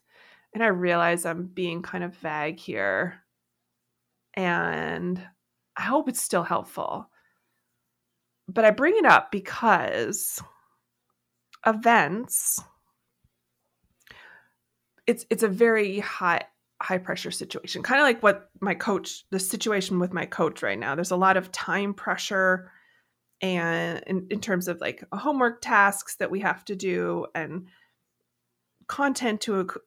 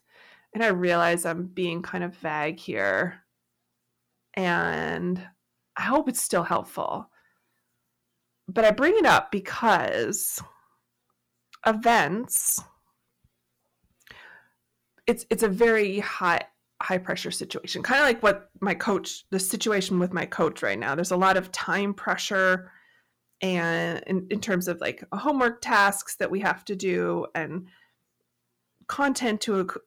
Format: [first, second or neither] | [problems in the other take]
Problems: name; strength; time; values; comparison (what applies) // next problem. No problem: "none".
first | distortion; slight; 1.6% of the sound clipped